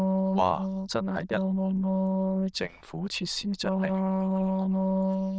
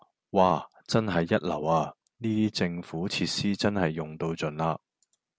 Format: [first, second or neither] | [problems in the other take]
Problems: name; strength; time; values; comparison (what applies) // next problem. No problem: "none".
second | noise reduction (neural diffusion model UNIVERSE++)